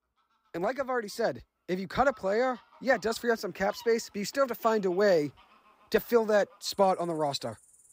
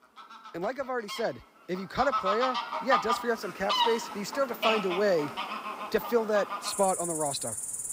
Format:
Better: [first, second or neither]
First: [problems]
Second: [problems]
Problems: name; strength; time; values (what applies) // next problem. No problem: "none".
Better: first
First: animal sounds; faint; throughout; 25 dB below the speech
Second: animal sounds; loud; throughout; 2 dB below the speech